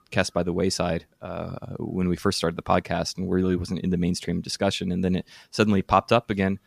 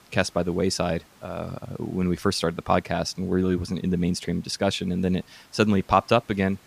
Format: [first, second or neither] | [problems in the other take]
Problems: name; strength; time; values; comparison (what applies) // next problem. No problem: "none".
first | hiss; faint; throughout; 30 dB below the speech